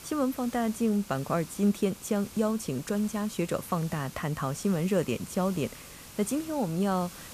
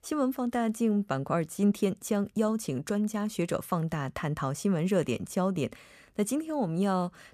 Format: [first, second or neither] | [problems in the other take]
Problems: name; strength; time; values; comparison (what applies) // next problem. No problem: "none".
second | hiss; noticeable; throughout; 15 dB below the speech